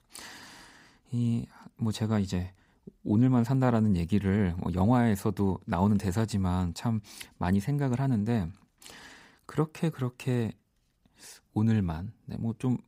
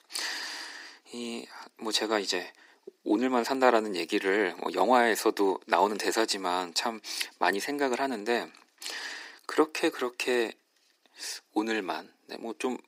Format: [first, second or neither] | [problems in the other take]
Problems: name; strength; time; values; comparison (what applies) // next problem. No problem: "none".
first | thin; very; fading below 300 Hz